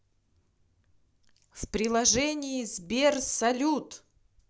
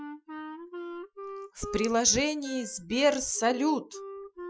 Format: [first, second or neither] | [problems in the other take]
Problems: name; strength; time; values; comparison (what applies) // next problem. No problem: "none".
first | noise reduction (classical method Wiener filter)